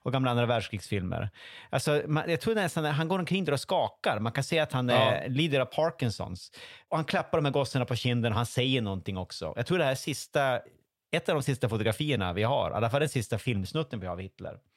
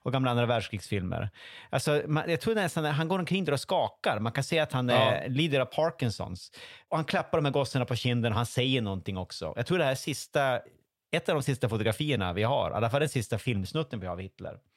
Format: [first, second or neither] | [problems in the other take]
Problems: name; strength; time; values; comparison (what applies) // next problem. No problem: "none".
neither | none